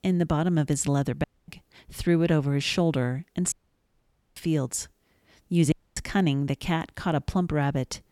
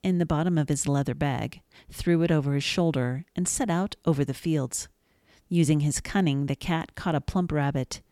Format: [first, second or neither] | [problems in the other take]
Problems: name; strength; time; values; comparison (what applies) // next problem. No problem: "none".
second | audio cutting out; at 1 s, at 3.5 s for 1 s and at 5.5 s